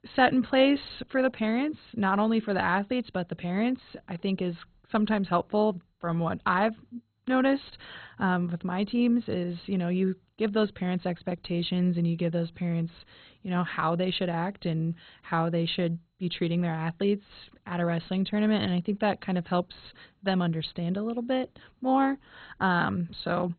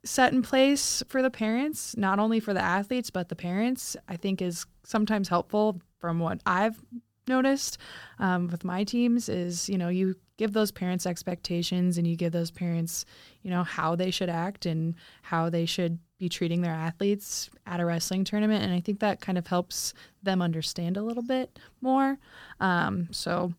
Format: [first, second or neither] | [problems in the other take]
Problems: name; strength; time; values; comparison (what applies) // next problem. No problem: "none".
second | garbled, watery; badly; nothing above 4 kHz